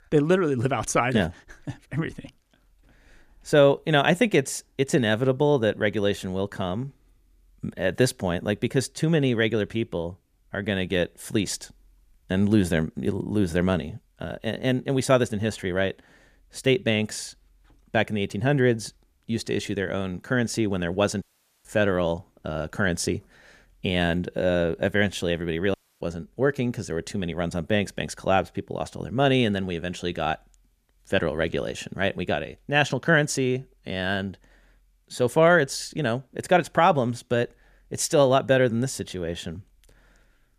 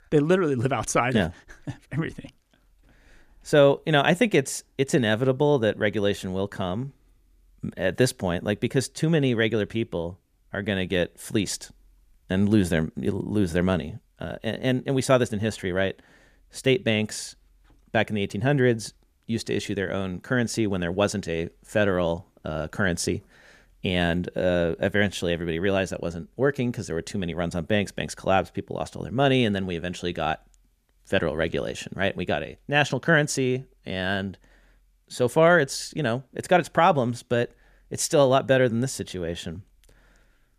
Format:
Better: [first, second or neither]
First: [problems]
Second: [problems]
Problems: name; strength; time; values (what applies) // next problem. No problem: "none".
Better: second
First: audio cutting out; at 21 s and at 26 s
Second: none